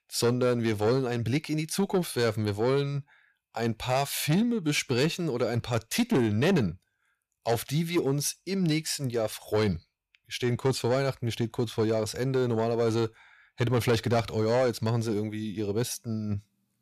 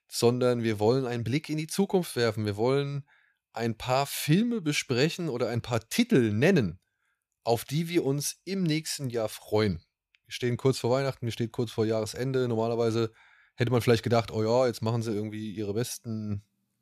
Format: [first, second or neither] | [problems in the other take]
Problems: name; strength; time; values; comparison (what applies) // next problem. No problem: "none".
second | distortion; slight; 10 dB below the speech